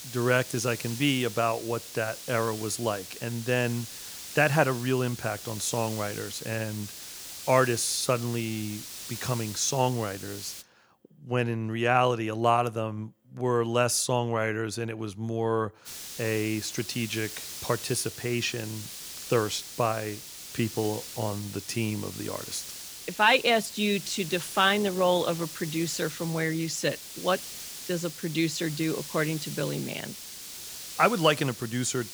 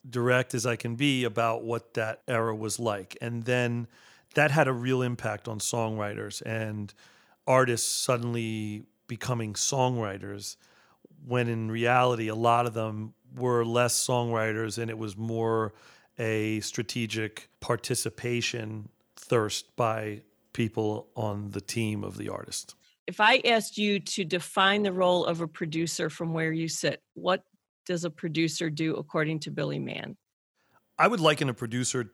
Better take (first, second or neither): second